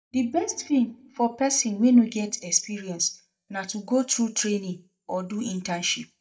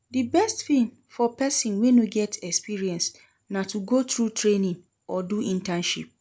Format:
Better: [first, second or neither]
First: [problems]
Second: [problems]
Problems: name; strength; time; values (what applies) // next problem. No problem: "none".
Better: second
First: noise reduction (neural mask model DeepFilterNet 3)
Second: none